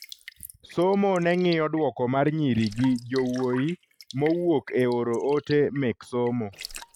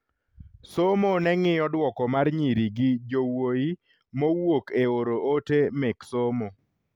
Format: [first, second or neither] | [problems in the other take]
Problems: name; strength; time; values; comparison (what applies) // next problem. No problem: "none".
second | noise reduction (neural mask model RNNoise)